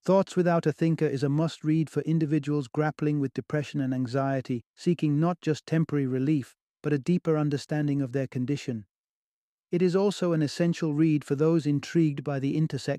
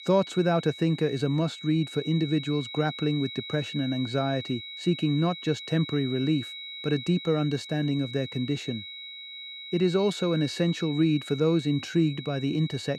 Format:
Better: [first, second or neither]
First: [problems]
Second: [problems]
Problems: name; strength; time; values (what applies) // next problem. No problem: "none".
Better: first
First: none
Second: high-pitched whine; noticeable; throughout; 4 kHz, 10 dB below the speech